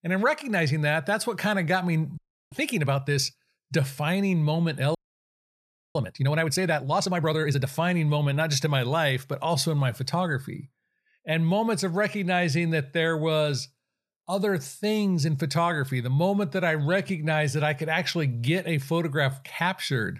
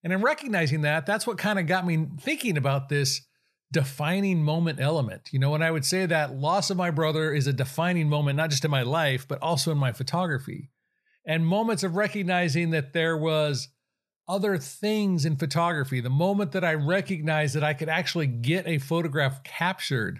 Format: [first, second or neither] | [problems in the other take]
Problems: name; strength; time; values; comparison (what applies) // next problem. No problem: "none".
second | audio freezing; at 2 s and at 5 s for 1 s